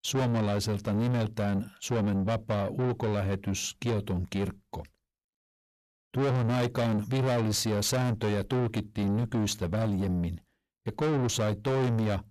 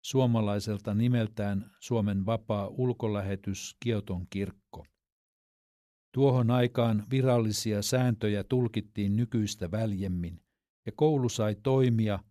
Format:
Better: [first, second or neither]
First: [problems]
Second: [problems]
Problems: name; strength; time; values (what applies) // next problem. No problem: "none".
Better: second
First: distortion; heavy; 7 dB below the speech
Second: none